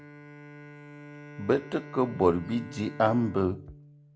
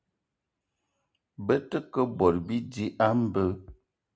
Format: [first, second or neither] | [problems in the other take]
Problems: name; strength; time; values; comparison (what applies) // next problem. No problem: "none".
second | background sound (Bowed string instrument); 16 dB below the speech